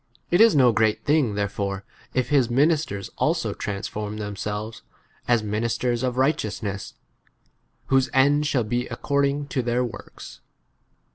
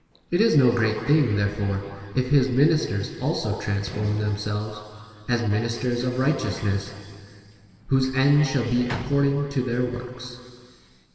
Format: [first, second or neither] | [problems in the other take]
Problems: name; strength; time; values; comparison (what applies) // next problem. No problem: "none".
first | background sound (Sliding door); 18 dB below the speech // room echo; dies away in 2.5 s